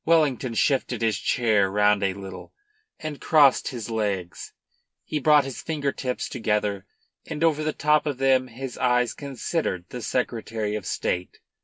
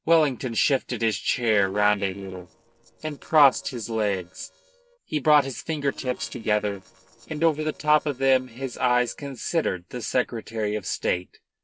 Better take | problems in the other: first | noise reduction (neural separator model SepFormer DNS4)

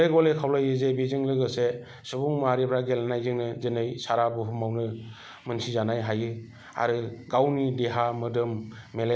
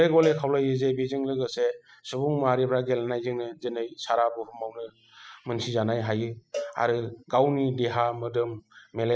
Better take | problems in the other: first | noise reduction (classical method spectral subtraction)

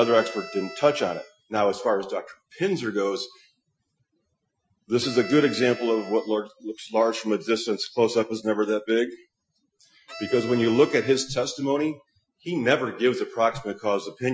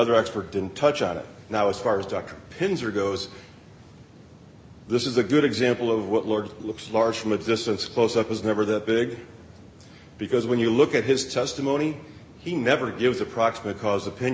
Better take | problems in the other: second | noise reduction (classical method Wiener filter)

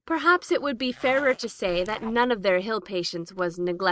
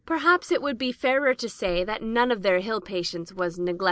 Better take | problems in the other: second | noise reduction (neural mask model RNNoise)

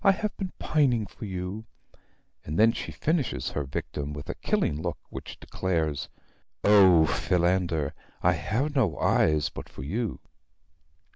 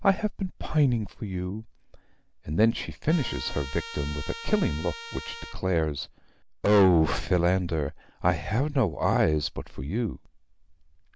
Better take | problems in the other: first | background sound (Trumpet); 14 dB below the speech

